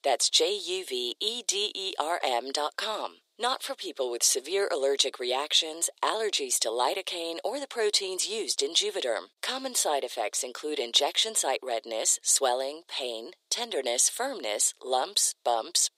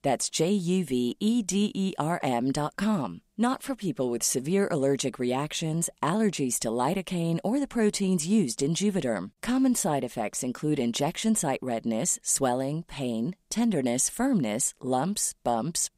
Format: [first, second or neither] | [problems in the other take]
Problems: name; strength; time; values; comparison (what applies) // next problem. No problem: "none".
second | thin; very; fading below 400 Hz